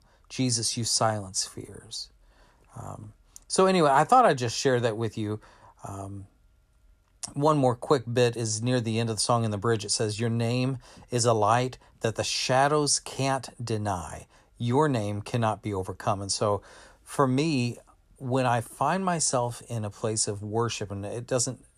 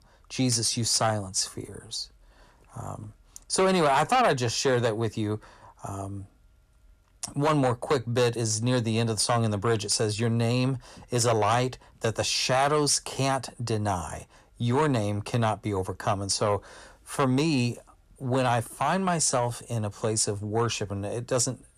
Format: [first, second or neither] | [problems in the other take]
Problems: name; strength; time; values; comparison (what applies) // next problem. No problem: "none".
first | distortion; slight; 10 dB below the speech